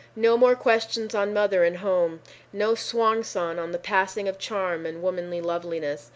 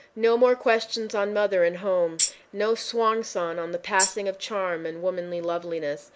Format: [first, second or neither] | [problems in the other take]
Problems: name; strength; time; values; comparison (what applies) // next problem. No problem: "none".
first | noise reduction (neural mask model Resemble Enhance denoiser)